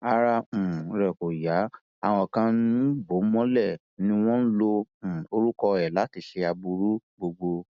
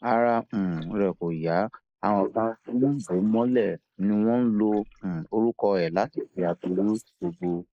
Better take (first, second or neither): first